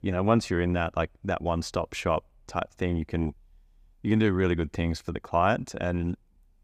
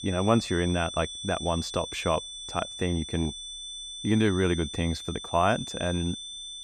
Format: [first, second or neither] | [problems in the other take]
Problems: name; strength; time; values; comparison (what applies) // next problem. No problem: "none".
first | high-pitched whine; loud; throughout; 3.5 kHz, 8 dB below the speech